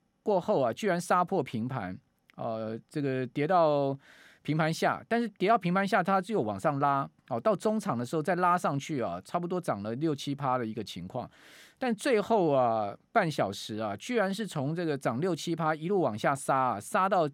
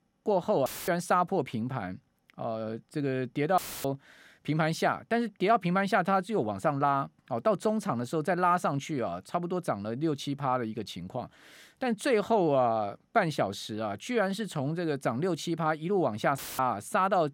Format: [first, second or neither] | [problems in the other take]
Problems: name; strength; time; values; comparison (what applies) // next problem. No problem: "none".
first | audio cutting out; filled with static; at 0.5 s, at 3.5 s and at 16 s